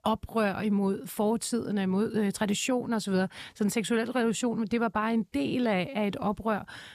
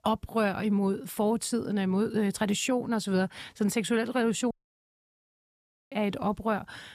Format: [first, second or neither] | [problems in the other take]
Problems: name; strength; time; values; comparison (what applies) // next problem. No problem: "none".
first | audio cutting out; at 4.5 s for 1.5 s